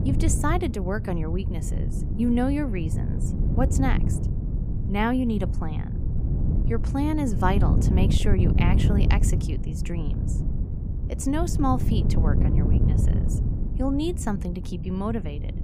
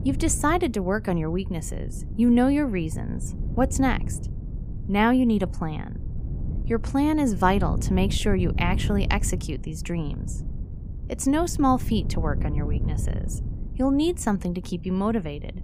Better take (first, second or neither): second